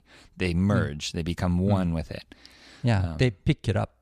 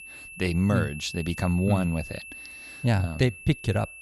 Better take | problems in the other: first | high-pitched whine; noticeable; throughout; 2.5 kHz, 15 dB below the speech

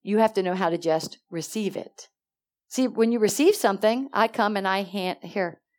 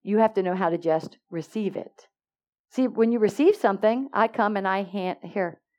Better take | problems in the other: first | muffled; slightly; fading above 3.5 kHz

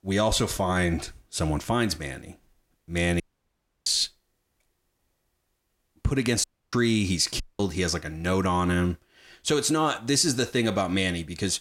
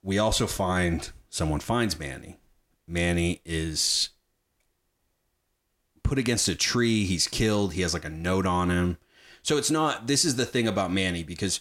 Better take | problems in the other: second | audio cutting out; at 3 s for 0.5 s, at 6.5 s and at 7.5 s

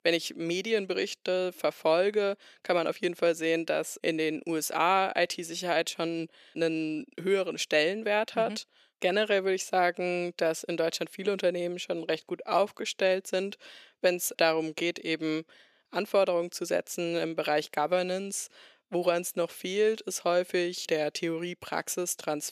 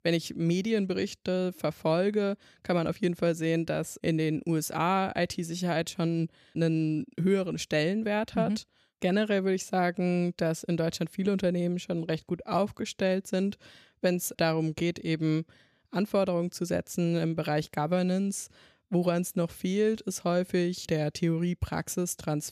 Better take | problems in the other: second | thin; somewhat; fading below 450 Hz

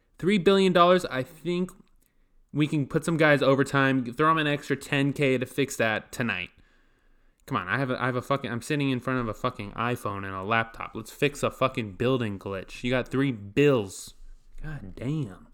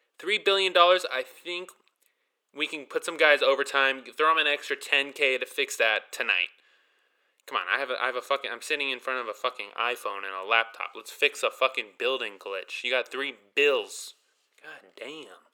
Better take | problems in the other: first | thin; very; fading below 450 Hz

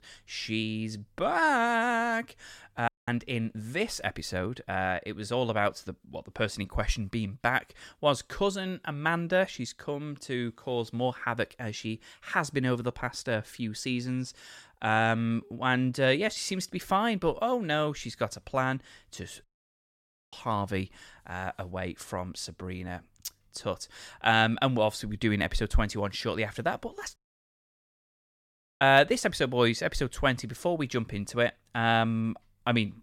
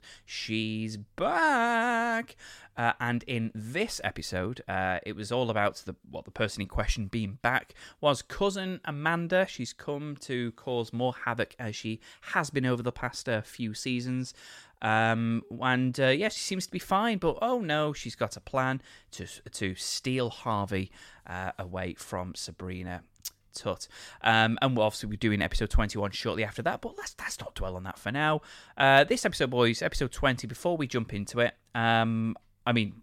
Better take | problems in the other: second | audio cutting out; at 3 s, at 19 s for 1 s and at 27 s for 1.5 s

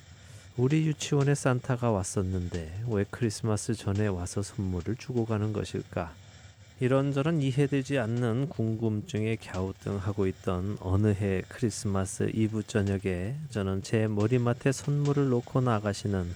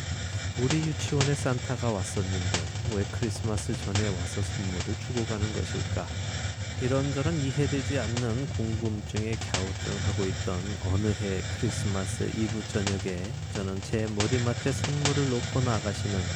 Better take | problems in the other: first | hiss; loud; throughout; 1 dB below the speech; faint in the first

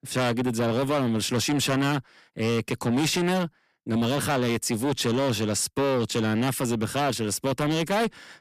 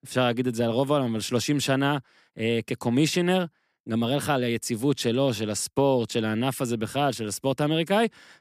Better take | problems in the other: second | distortion; heavy; 7 dB below the speech

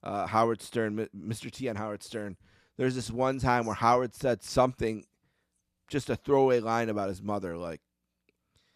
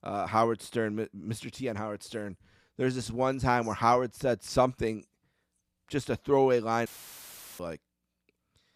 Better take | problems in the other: first | audio cutting out; filled with static; at 7 s for 0.5 s

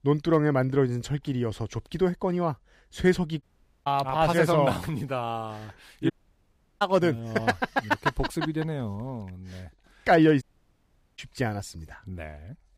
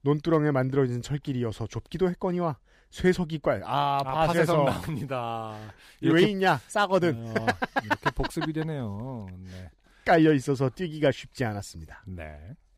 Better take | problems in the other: second | audio cutting out; at 3.5 s, at 6 s for 0.5 s and at 10 s for 1 s

